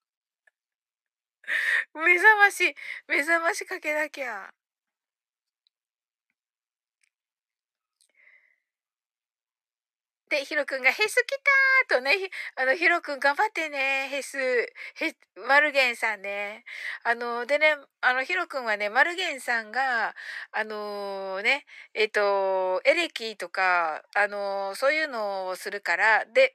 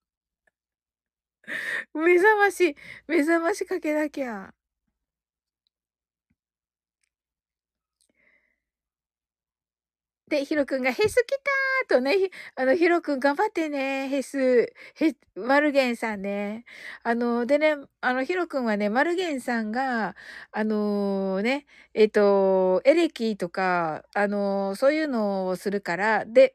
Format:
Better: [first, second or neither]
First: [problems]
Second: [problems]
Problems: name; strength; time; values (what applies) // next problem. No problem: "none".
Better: second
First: thin; very; fading below 750 Hz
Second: none